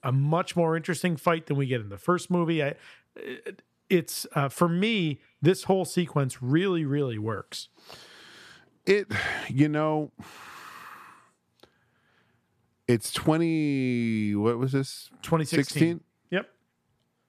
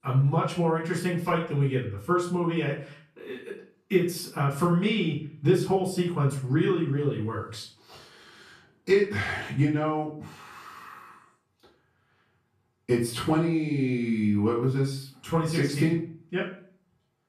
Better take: first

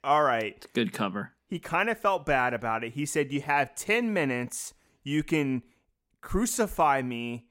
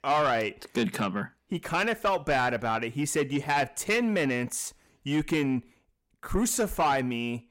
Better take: first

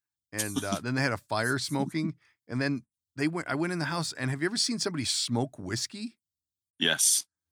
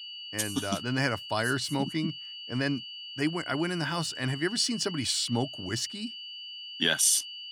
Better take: first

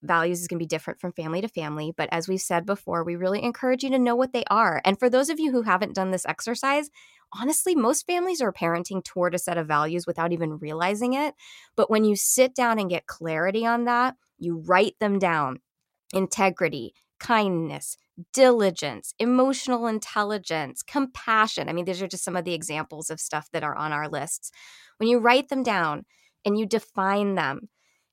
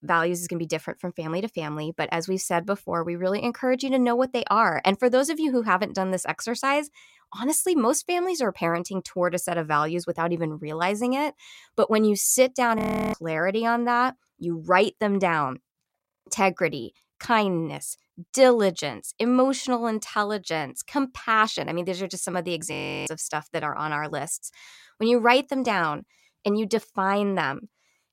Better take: first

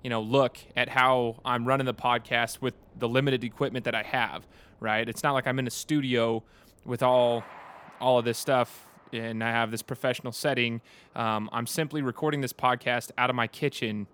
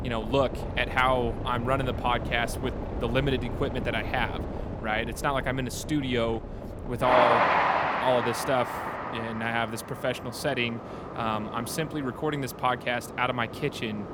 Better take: first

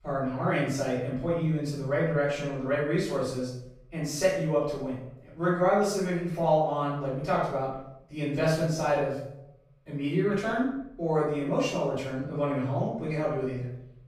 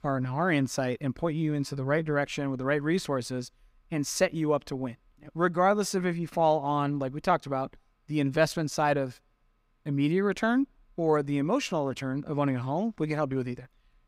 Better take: second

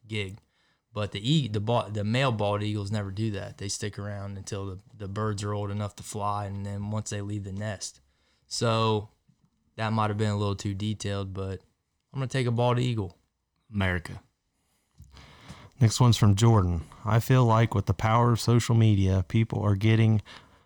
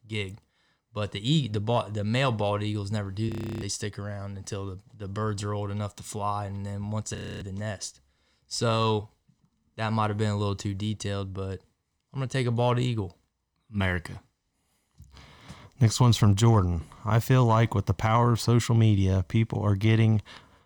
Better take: first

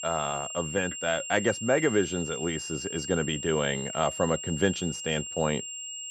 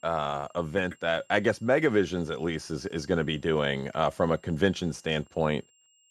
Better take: second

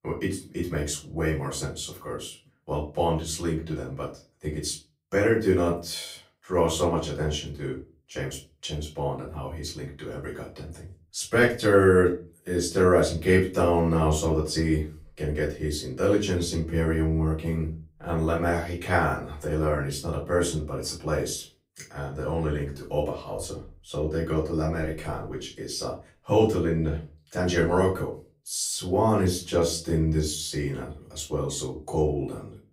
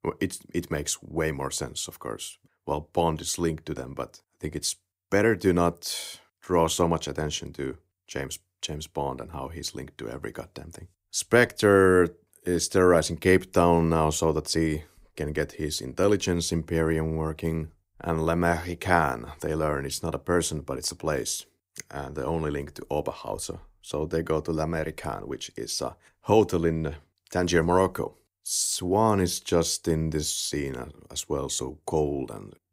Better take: second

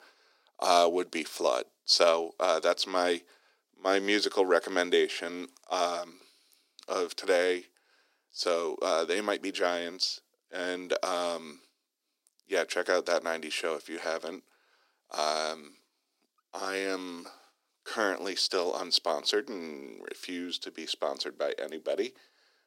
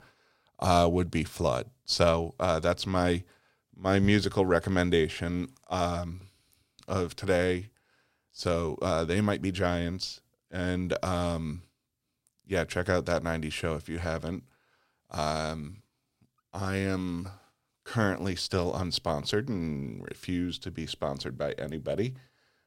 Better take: second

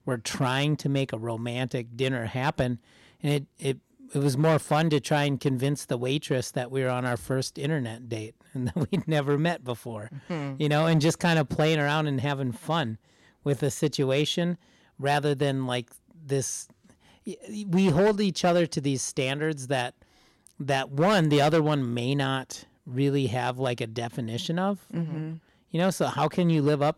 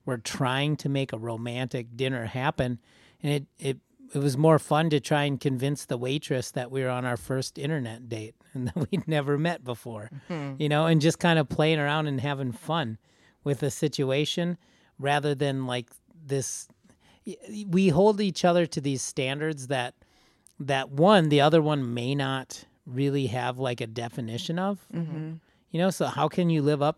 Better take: second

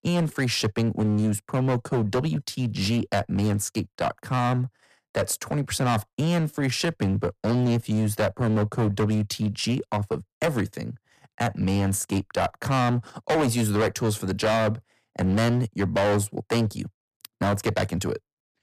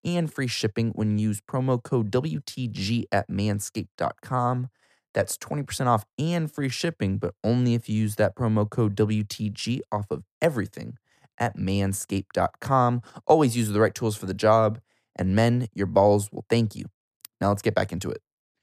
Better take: second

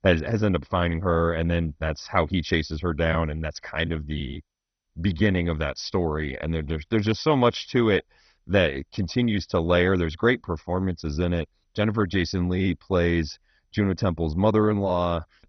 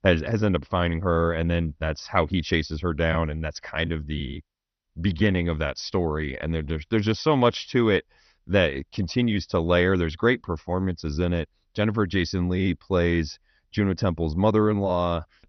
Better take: second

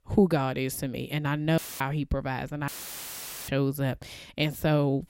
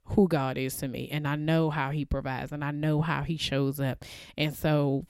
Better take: second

